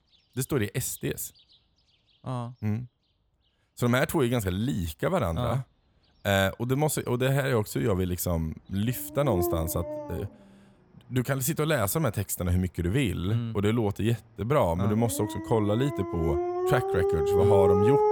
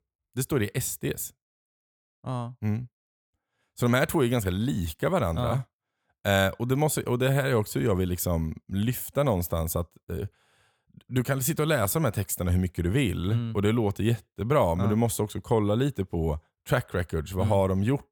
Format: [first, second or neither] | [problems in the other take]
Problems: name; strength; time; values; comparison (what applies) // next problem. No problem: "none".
second | animal sounds; loud; throughout; as loud as the speech